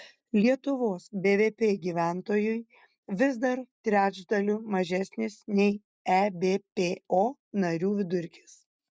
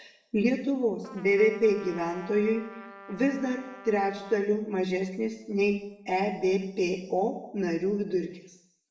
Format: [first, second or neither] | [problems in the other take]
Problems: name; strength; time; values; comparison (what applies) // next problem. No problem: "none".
first | background sound (Trumpet); 19 dB below the speech // room echo; dies away in 0.7 s